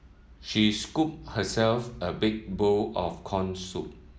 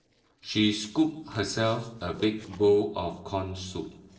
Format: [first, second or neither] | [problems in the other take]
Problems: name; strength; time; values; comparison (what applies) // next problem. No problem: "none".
first | noise reduction (neural separator model SepFormer DNS4)